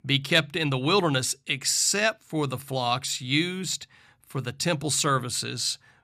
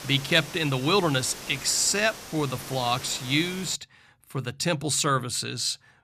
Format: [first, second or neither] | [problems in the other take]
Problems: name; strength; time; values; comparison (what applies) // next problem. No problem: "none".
first | hiss; noticeable; until 4 s; 15 dB below the speech